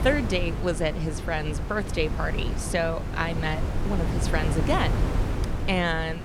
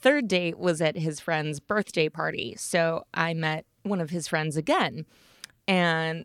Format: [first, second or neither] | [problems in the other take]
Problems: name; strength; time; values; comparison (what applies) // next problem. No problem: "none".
second | wind noise on the microphone; heavy; 8 dB below the speech